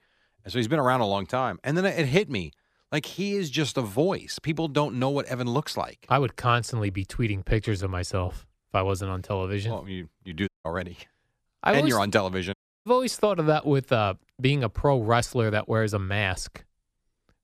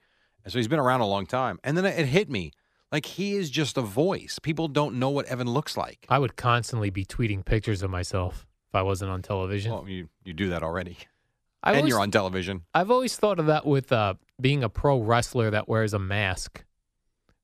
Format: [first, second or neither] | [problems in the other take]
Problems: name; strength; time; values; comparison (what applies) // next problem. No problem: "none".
second | audio cutting out; at 10 s and at 13 s